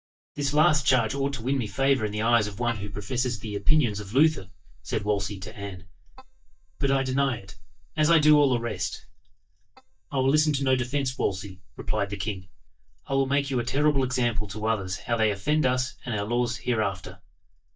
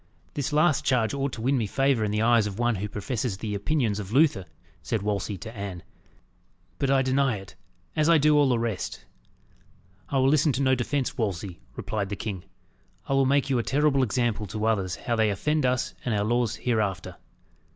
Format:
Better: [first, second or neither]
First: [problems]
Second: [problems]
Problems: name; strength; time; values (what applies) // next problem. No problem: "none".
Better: second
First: noise reduction (neural mask model DeepFilterNet 3)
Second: none